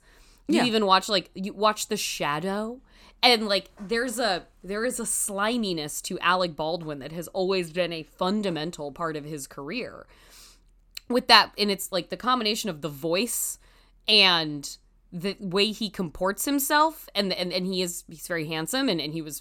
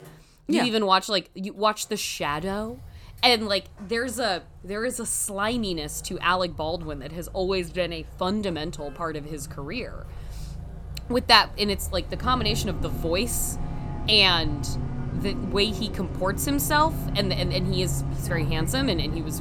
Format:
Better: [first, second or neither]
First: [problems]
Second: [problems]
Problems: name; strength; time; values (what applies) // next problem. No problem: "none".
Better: first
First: none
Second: traffic noise; loud; throughout; 9 dB below the speech